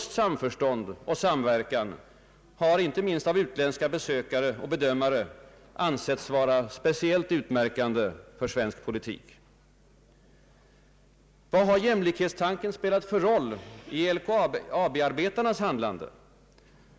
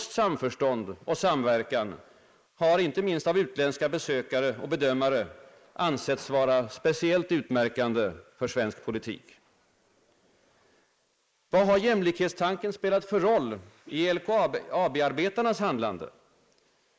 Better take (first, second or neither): first